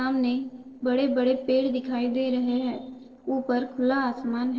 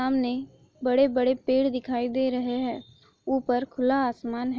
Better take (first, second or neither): second